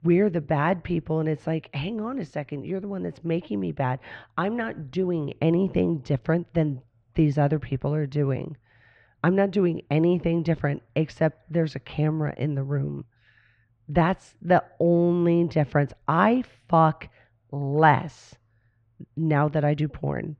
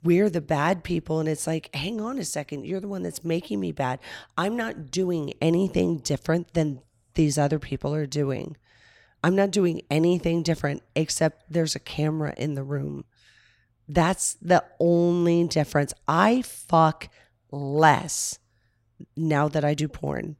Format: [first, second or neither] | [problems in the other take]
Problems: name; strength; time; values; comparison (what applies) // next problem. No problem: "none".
second | muffled; very; fading above 2.5 kHz